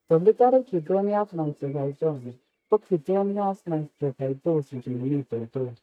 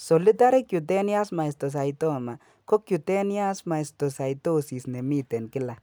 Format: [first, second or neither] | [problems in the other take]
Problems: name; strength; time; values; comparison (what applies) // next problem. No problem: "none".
second | noise reduction (neural mask model DeepFilterNet 3)